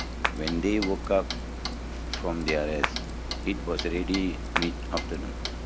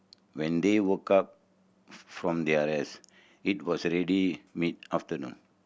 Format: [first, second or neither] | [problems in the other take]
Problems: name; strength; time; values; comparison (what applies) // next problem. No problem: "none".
second | background sound (Clapping + Clock); 1 dB below the speech